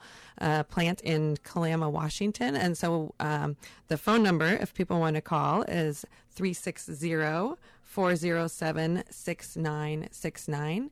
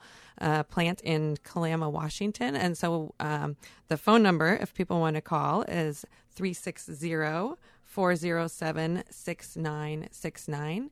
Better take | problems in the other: second | distortion; slight; 10 dB below the speech

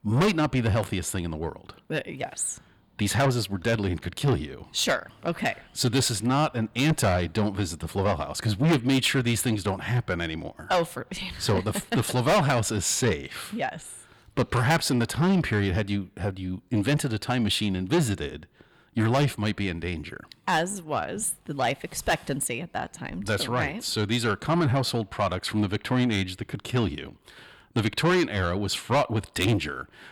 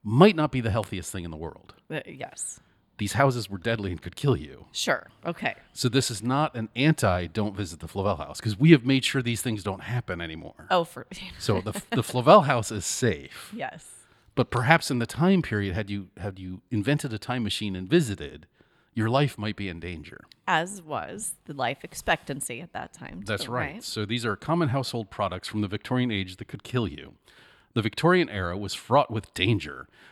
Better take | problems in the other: second | distortion; heavy; 5 dB below the speech

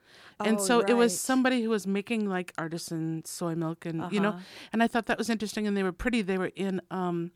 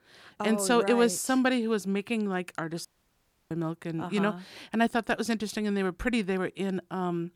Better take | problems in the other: first | audio cutting out; at 3 s for 0.5 s

